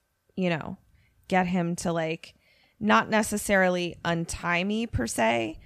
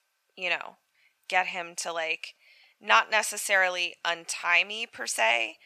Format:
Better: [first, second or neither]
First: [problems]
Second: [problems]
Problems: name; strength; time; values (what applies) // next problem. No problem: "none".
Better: first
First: none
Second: thin; very; fading below 850 Hz